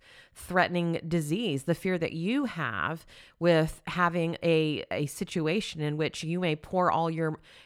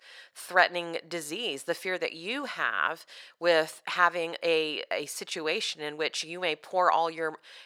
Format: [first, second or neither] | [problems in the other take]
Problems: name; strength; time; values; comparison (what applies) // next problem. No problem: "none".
first | thin; very; fading below 600 Hz